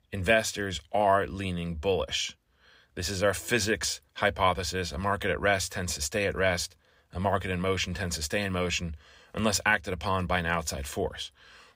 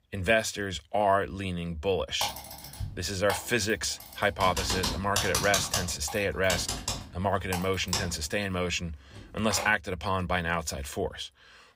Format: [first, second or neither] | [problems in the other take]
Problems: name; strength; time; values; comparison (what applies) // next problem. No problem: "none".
first | keyboard typing; loud; from 2 to 9.5 s; peak 2 dB above the speech